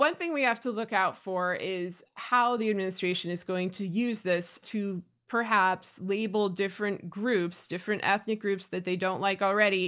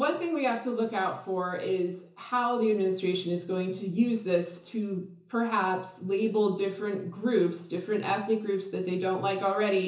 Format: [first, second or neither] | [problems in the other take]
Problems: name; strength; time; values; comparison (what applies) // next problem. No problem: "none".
first | room echo; dies away in 0.7 s